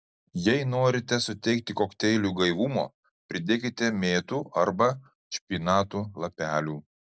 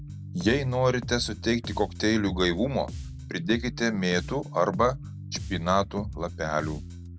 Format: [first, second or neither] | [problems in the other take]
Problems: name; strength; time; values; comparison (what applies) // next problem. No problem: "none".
first | background sound (Bass guitar); 10 dB below the speech